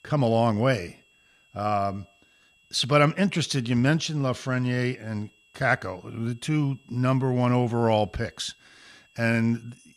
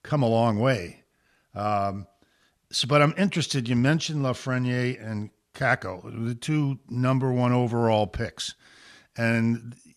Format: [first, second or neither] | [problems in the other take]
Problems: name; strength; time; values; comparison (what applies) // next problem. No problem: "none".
second | high-pitched whine; faint; throughout; 2.5 kHz, 35 dB below the speech